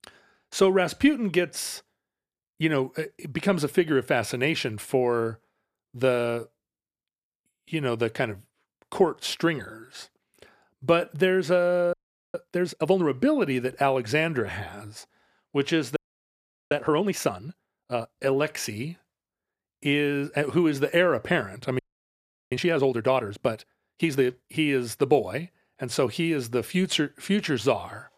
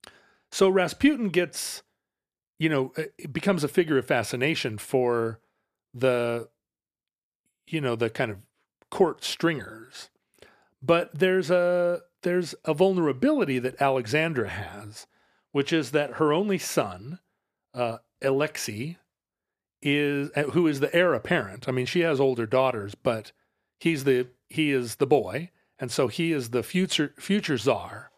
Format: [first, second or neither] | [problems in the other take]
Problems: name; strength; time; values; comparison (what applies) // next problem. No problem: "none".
second | audio freezing; at 12 s, at 16 s for 1 s and at 22 s for 0.5 s